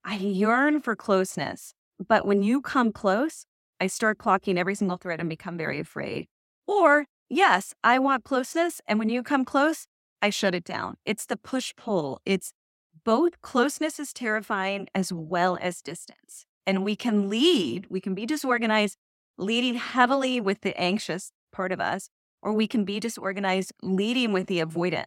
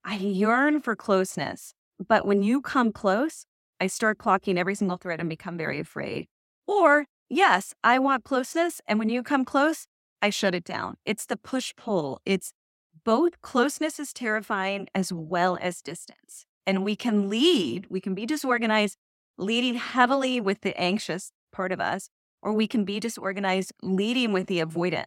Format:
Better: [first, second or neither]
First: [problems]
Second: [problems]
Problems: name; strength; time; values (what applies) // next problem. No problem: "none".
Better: neither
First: none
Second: none